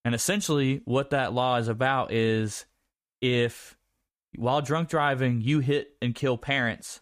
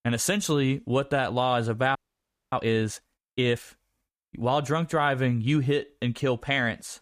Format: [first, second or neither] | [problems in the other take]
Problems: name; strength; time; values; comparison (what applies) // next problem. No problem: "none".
first | audio freezing; at 2 s for 0.5 s